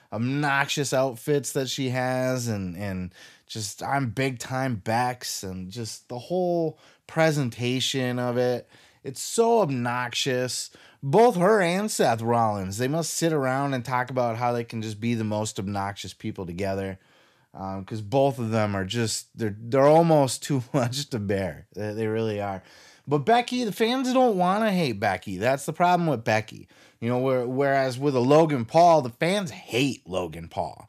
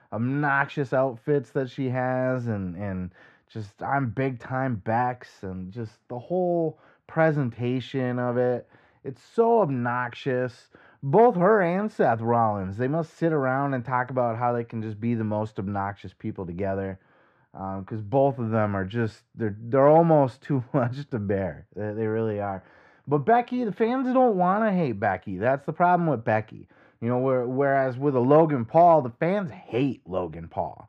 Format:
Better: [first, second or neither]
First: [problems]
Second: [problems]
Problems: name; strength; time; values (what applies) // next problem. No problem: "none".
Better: first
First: none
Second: muffled; very; fading above 3.5 kHz